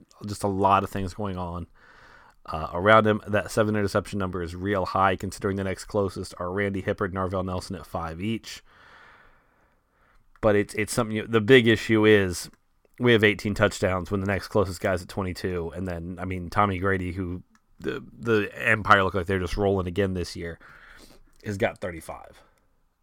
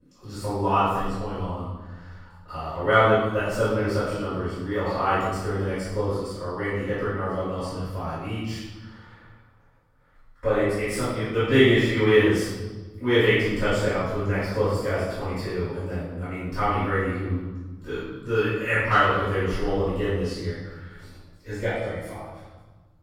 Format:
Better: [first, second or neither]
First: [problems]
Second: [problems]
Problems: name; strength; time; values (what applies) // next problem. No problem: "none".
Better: first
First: none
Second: off-mic speech; far // room echo; strong; dies away in 1.2 s